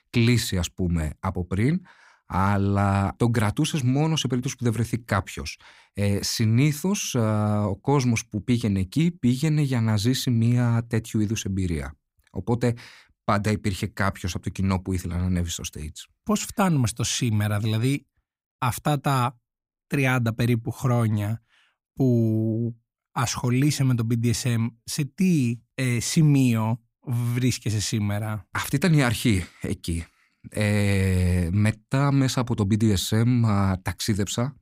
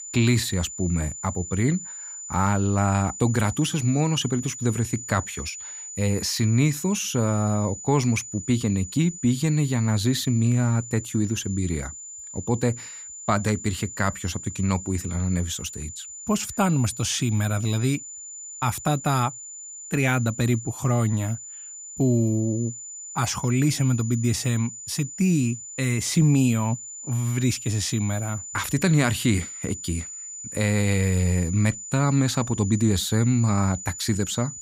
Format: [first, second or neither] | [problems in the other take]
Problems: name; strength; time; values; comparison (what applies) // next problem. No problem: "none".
first | high-pitched whine; noticeable; throughout; 7 kHz, 10 dB below the speech